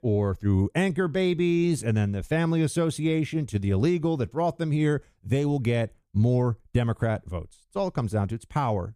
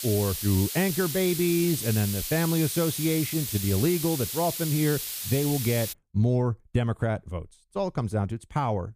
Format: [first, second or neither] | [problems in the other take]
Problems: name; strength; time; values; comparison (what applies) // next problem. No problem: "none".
first | hiss; loud; until 6 s; 4 dB below the speech